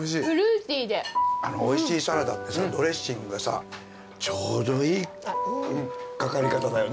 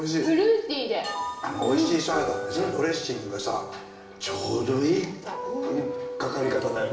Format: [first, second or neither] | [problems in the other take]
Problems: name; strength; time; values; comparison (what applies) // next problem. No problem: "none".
first | background sound (Bell); 13 dB below the speech // room echo; dies away in 0.9 s